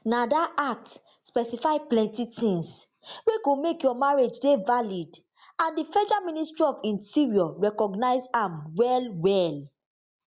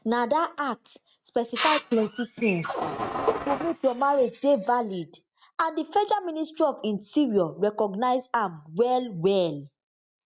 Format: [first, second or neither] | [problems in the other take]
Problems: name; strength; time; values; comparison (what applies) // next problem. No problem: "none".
first | noise reduction (neural mask model RNNoise)